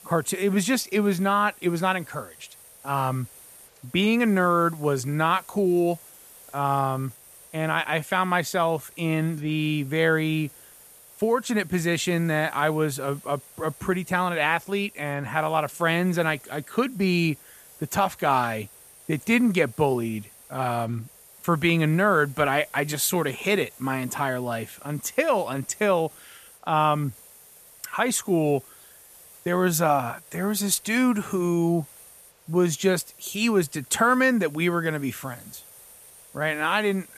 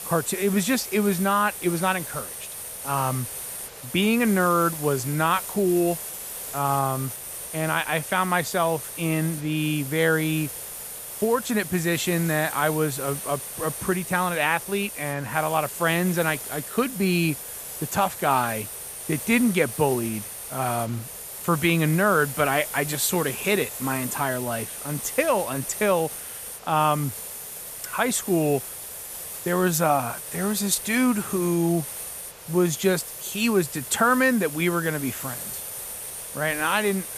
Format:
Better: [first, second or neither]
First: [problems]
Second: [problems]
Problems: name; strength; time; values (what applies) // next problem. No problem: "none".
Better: first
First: hiss; faint; throughout; 20 dB below the speech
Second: hiss; loud; throughout; 8 dB below the speech